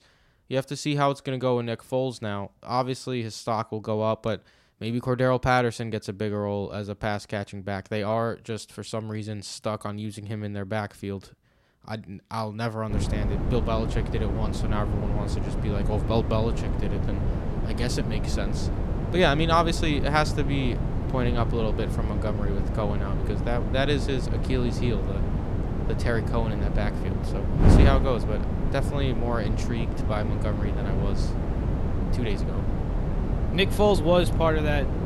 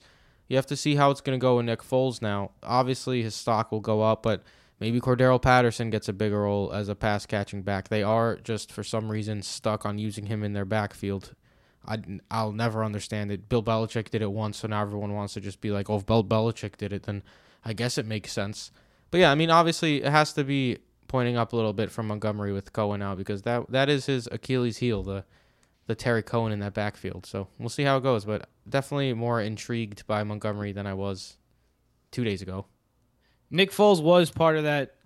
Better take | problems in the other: second | wind noise on the microphone; heavy; from 13 s on; 7 dB below the speech

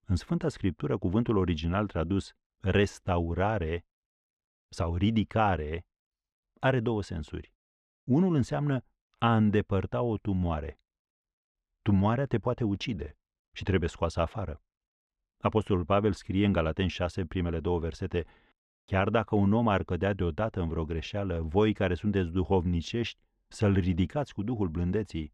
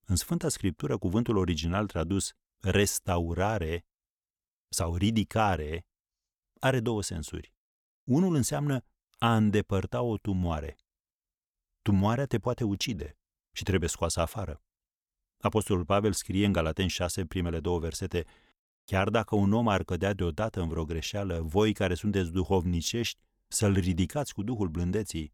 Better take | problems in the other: second | muffled; slightly; fading above 3 kHz

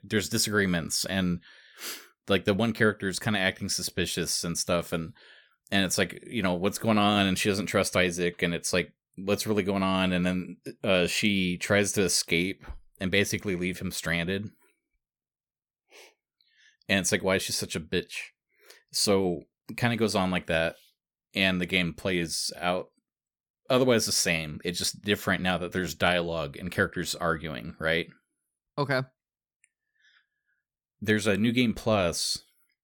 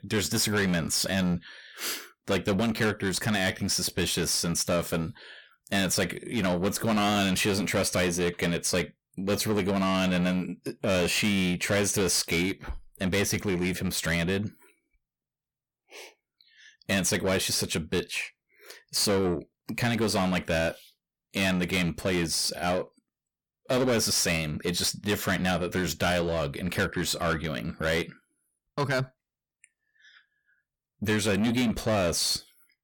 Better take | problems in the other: first | distortion; heavy; 8 dB below the speech

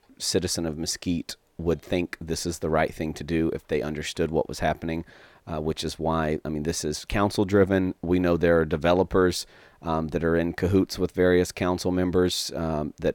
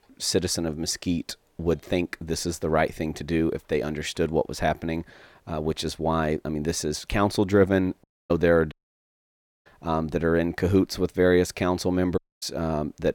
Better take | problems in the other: first | audio cutting out; at 8 s, at 8.5 s for 1 s and at 12 s

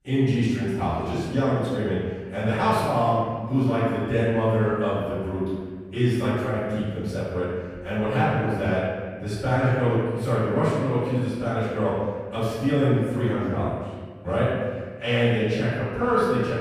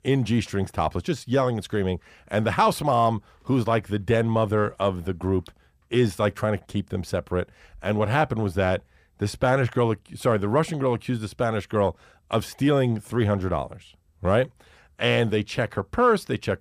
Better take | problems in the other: second | room echo; strong; dies away in 1.5 s // off-mic speech; far

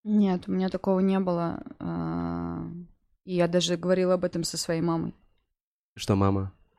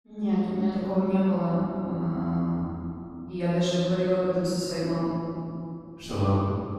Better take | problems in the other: first | off-mic speech; far // room echo; strong; dies away in 2.6 s

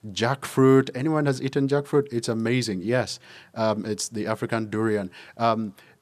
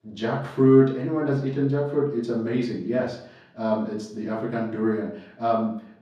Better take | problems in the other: first | room echo; noticeable; dies away in 0.6 s // off-mic speech; far

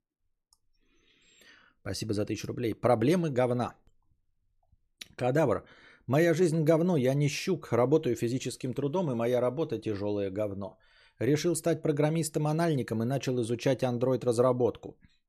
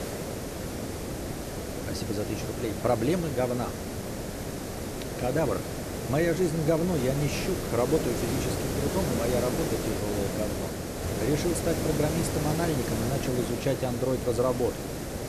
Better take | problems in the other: first | hiss; loud; throughout; 3 dB below the speech

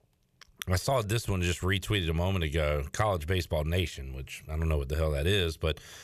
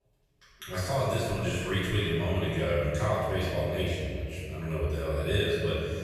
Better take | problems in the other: first | room echo; strong; dies away in 2.1 s // off-mic speech; far

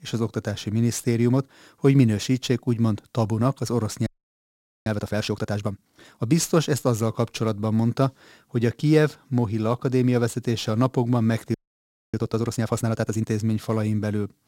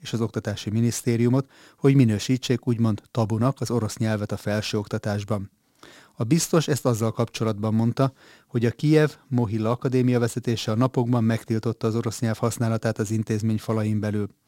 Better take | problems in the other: second | audio freezing; at 4 s for 1 s and at 12 s for 0.5 s

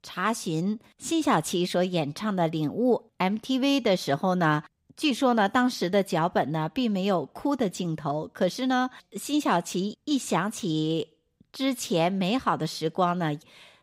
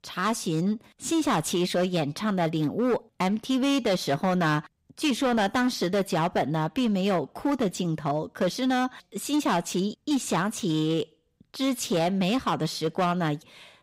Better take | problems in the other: first | distortion; slight; 10% of the sound clipped

